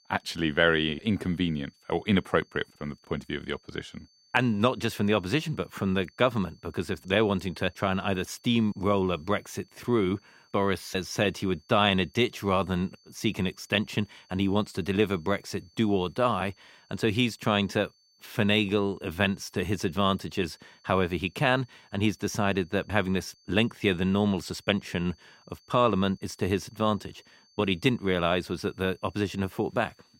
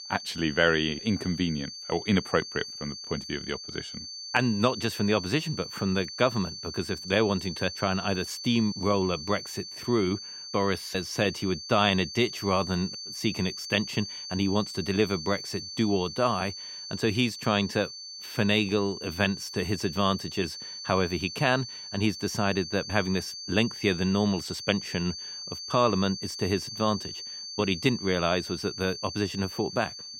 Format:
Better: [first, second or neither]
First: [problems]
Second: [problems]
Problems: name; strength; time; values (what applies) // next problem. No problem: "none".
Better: first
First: high-pitched whine; faint; throughout; 4.5 kHz, 35 dB below the speech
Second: high-pitched whine; loud; throughout; 4.5 kHz, 9 dB below the speech